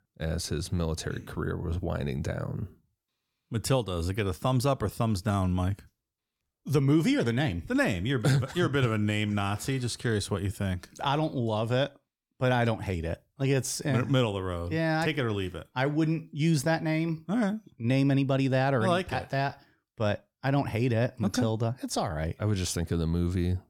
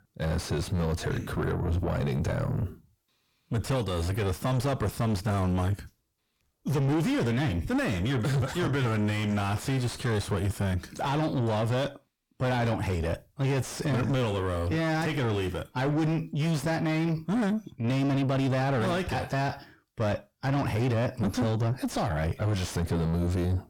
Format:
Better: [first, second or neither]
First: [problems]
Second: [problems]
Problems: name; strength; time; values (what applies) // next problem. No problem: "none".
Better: first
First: none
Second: distortion; heavy; 5 dB below the speech